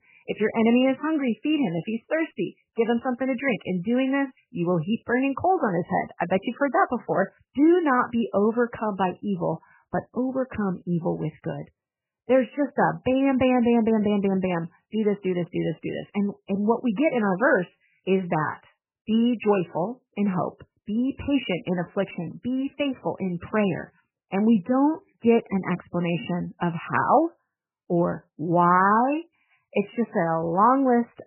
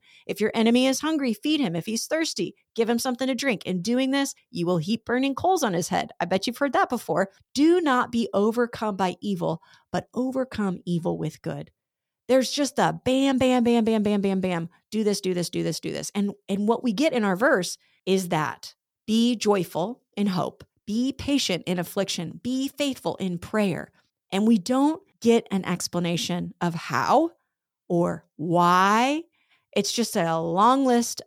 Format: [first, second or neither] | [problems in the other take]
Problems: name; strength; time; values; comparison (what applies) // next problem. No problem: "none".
second | garbled, watery; badly; nothing above 3 kHz